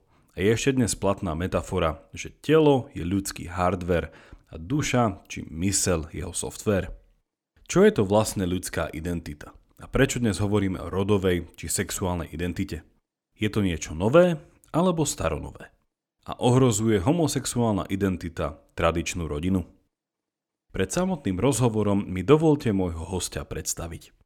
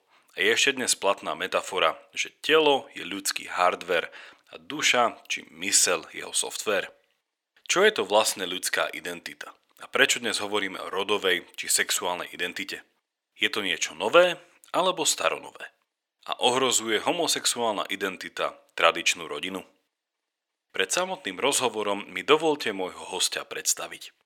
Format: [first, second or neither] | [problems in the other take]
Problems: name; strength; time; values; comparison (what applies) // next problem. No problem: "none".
first | thin; very; fading below 600 Hz